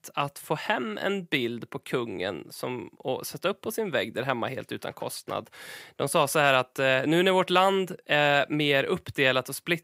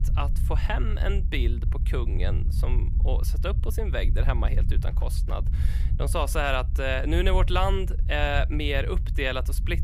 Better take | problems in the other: first | low rumble; noticeable; throughout; 15 dB below the speech

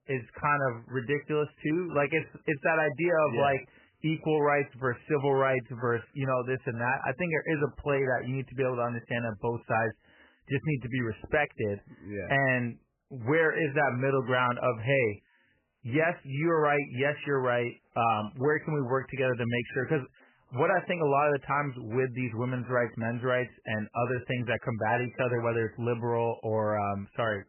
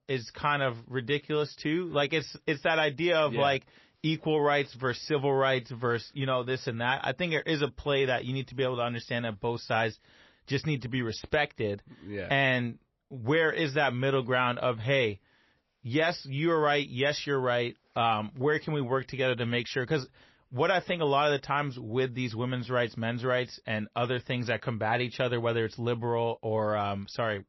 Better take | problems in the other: second | garbled, watery; badly; nothing above 3 kHz; slightly in the second

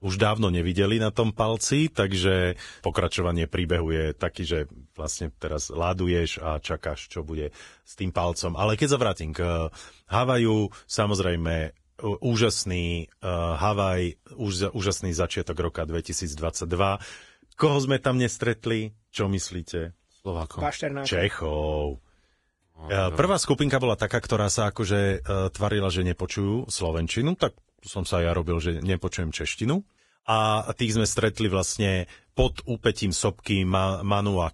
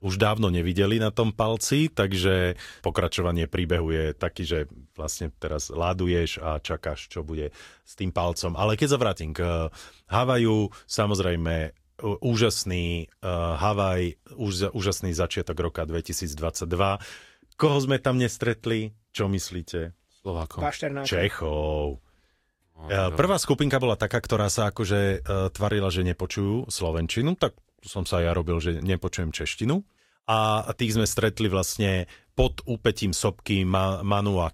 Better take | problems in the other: second | garbled, watery; badly; nothing above 10.5 kHz; slightly in the second

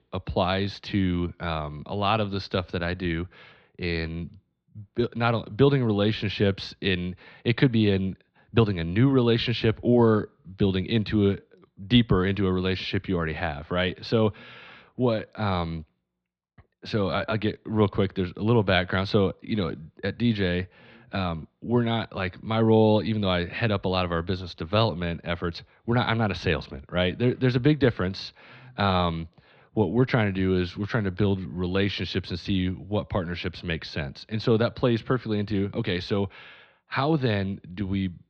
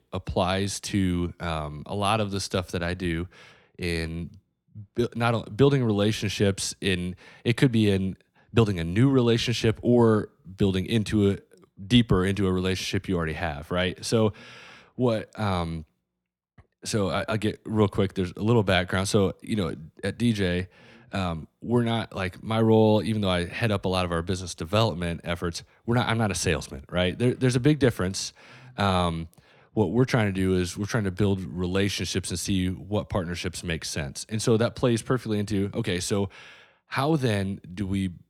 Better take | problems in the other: second | muffled; very slightly; fading above 4 kHz

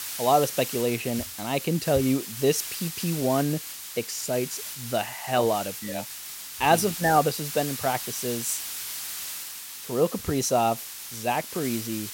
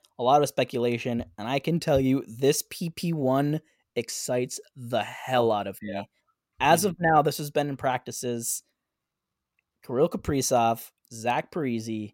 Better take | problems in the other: second | hiss; loud; throughout; 7 dB below the speech

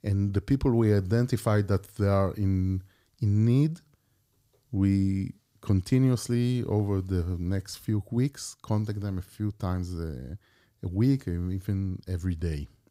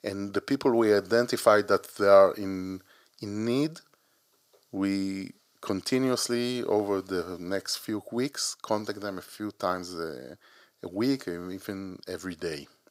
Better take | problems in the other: first | thin; very; fading below 450 Hz

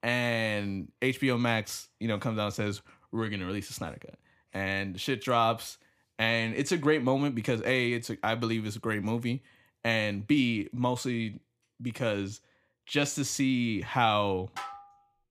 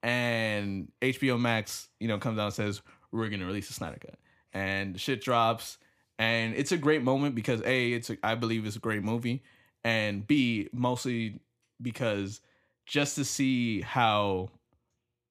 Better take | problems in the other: second | clattering dishes; faint; at 15 s; peak 10 dB below the speech

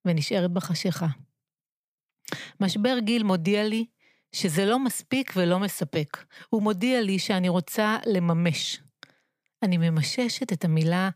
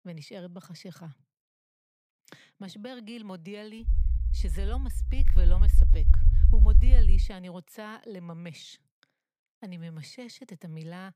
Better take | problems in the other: first | low rumble; loud; from 4 to 7 s; 2 dB below the speech

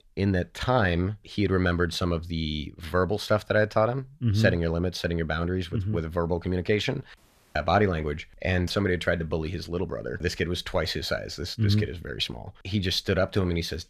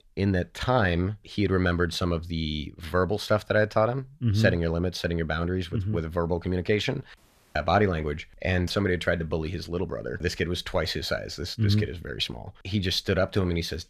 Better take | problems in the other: neither | audio cutting out; at 7 s; the same in both

